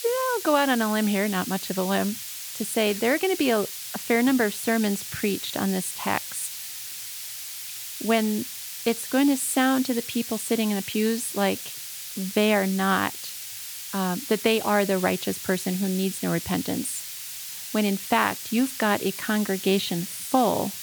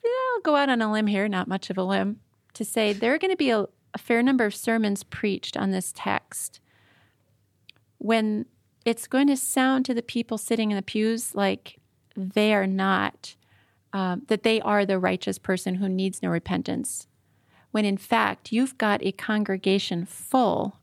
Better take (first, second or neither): second